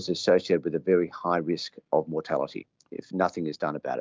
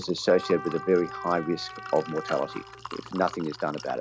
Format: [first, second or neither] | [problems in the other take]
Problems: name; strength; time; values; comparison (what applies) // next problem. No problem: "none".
first | background sound (Liquid + Trumpet); 12 dB below the speech